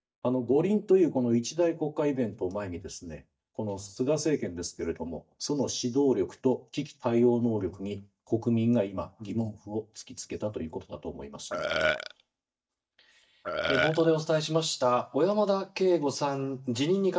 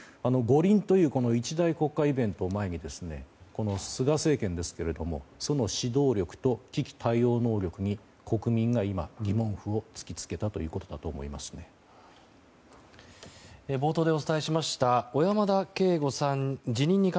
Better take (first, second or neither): second